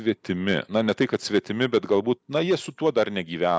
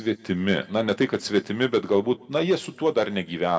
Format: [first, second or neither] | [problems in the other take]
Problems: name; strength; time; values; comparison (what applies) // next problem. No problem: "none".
first | room echo; dies away in 1 s